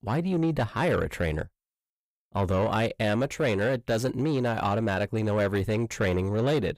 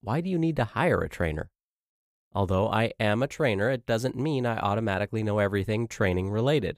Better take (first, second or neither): second